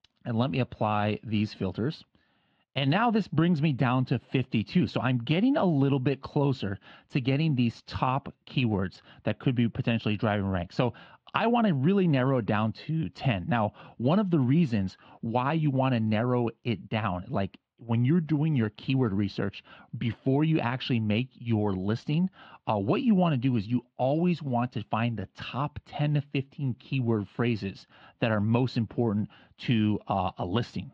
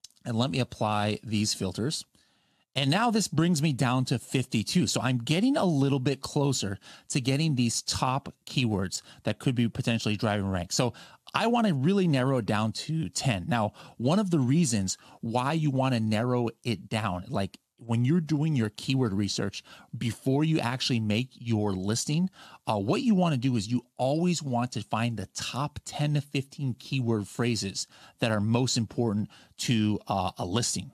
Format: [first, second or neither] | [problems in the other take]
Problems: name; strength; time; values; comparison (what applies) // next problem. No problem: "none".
second | muffled; very; fading above 3 kHz